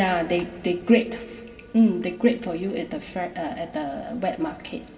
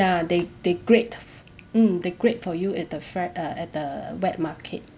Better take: second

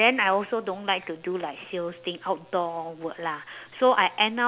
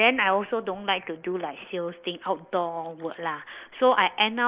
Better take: first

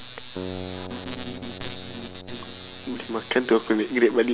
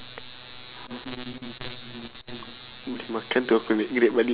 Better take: second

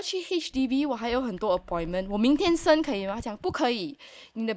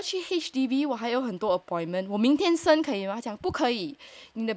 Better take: second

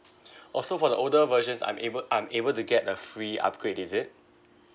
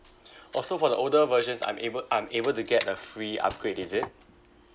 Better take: first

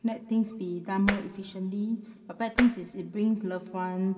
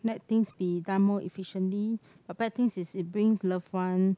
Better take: second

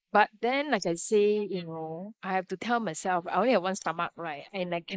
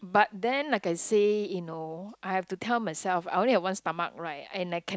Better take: second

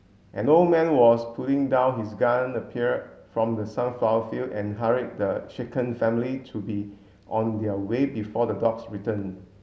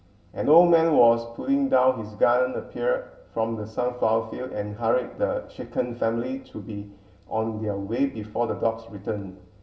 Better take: first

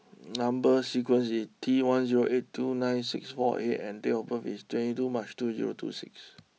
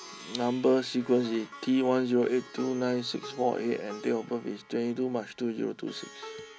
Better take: first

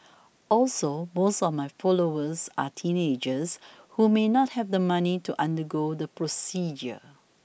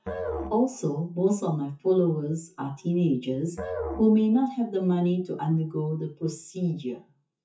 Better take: first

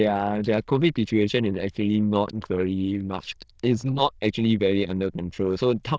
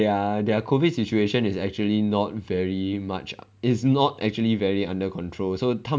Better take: second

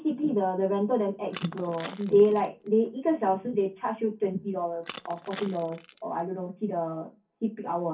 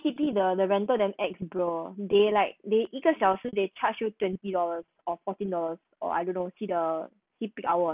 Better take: second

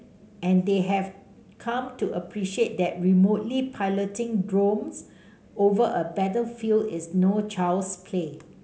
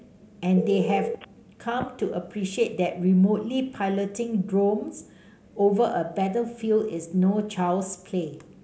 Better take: first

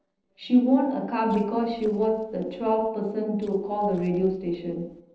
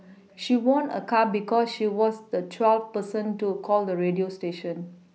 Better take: second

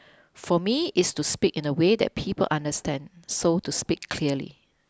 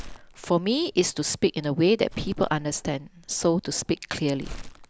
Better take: first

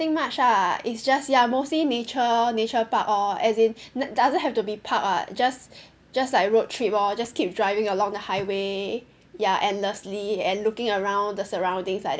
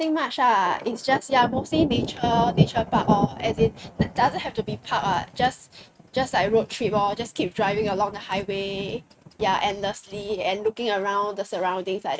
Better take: first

